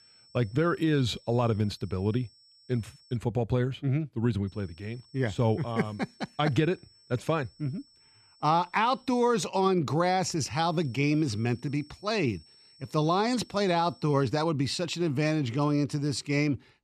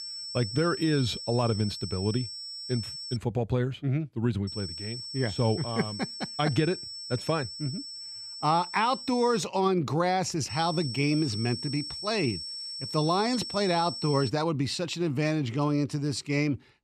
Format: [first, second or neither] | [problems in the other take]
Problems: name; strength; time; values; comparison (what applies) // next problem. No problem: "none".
first | high-pitched whine; loud; until 3 s, from 4.5 to 9.5 s and from 11 to 14 s; 5.5 kHz, 7 dB below the speech; faint in the first